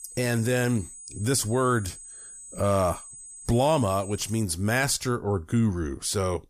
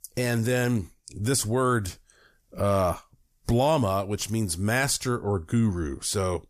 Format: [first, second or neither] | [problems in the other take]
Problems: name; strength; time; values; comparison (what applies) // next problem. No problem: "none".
second | high-pitched whine; noticeable; until 4.5 s; 8 kHz, 15 dB below the speech